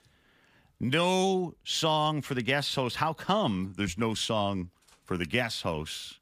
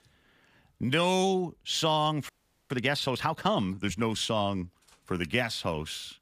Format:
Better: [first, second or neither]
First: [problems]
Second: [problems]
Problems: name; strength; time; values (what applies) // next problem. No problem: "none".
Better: first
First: none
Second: audio freezing; at 2.5 s